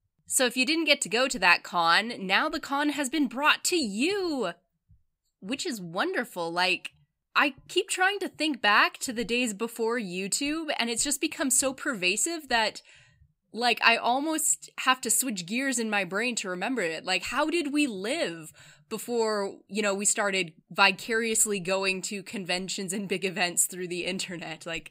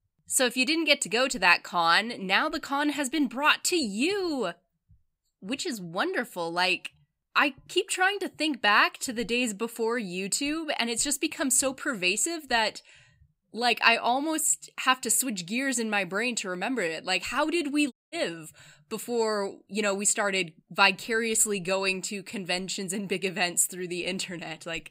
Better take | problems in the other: first | audio cutting out; at 18 s

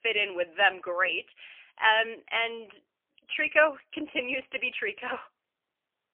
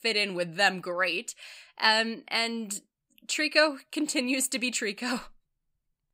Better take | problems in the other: second | phone-call audio; poor line; nothing above 3 kHz

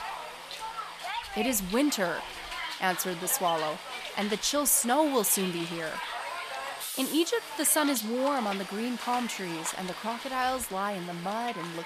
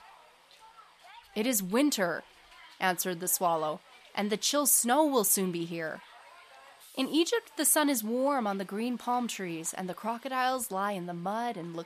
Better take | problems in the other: second | hiss; loud; throughout; 8 dB below the speech; faint in the second

